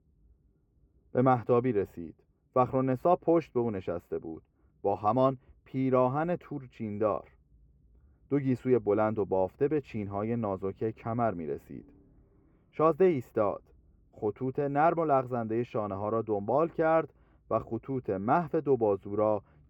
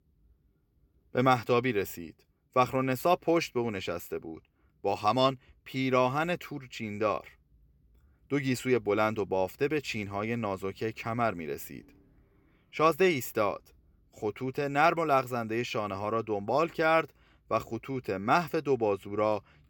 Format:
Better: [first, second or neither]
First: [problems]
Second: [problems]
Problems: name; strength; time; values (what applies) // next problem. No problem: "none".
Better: second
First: muffled; very; fading above 2 kHz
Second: none